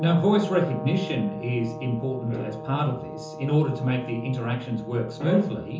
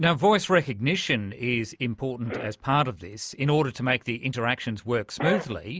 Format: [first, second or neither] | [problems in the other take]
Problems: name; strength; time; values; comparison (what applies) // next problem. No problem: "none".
second | background sound (Brass instrument); 12 dB below the speech // room echo; dies away in 0.6 s